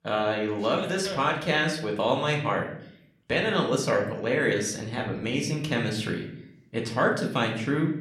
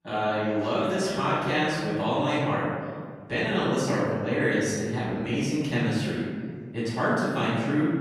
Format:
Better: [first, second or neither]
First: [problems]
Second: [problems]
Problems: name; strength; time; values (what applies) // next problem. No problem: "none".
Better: first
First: room echo; slight; dies away in 0.6 s // off-mic speech; somewhat distant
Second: room echo; strong; dies away in 1.8 s // off-mic speech; far